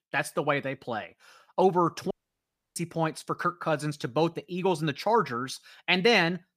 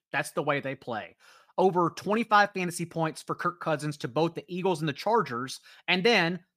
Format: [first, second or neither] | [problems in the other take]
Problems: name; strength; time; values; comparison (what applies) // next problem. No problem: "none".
second | audio cutting out; at 2 s for 0.5 s